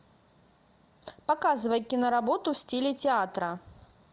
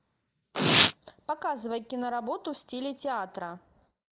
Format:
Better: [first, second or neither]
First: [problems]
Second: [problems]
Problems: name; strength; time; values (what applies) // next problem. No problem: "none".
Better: first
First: none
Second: noise reduction (neural mask model Resemble Enhance denoiser)